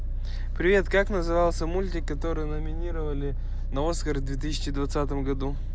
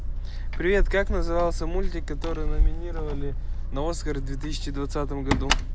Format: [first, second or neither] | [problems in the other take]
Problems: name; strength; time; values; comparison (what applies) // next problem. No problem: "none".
first | background sound (Keys jangling); 1 dB below the speech